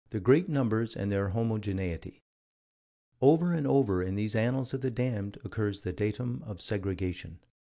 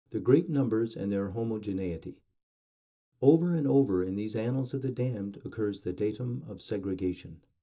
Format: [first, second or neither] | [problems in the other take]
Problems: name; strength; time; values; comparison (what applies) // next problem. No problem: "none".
first | room echo; dies away in 0.2 s